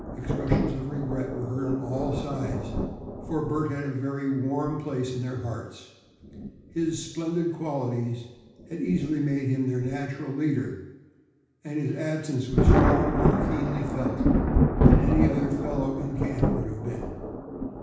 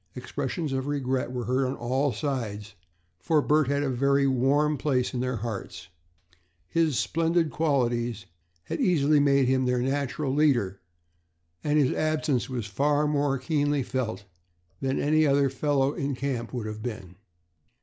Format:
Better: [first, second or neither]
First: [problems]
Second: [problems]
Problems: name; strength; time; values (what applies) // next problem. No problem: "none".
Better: second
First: background sound (Thunder); 2 dB above the speech // room echo; dies away in 0.9 s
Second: none